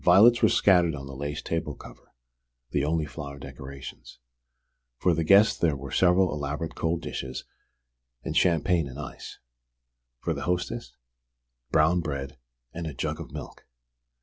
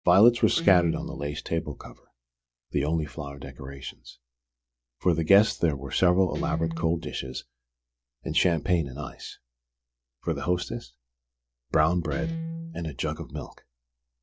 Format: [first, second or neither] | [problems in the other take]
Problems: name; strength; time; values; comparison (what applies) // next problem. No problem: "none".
first | noise reduction (neural mask model DeepFilterNet 3)